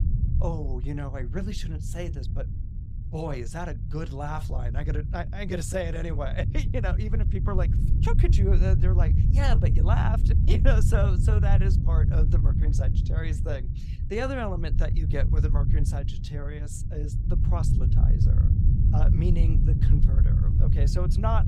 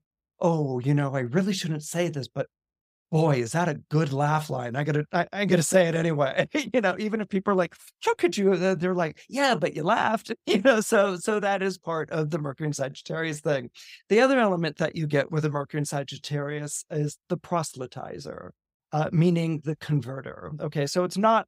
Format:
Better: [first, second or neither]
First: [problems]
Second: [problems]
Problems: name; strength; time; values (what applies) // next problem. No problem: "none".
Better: second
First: low rumble; loud; throughout; 5 dB below the speech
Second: none